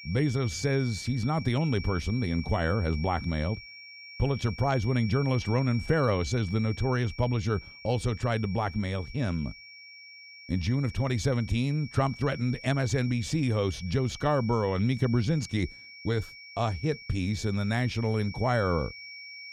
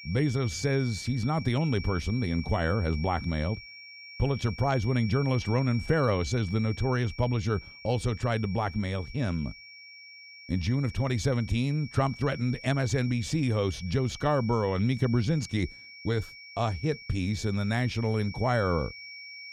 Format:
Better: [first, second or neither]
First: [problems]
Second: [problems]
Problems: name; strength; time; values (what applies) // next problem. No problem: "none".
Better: neither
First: high-pitched whine; noticeable; throughout; 2.5 kHz, 15 dB below the speech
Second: high-pitched whine; noticeable; throughout; 2.5 kHz, 15 dB below the speech